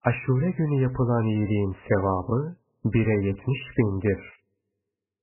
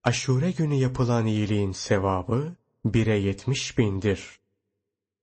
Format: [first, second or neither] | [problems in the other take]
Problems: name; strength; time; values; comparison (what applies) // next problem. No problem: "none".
second | garbled, watery; badly; nothing above 3 kHz; slightly in the second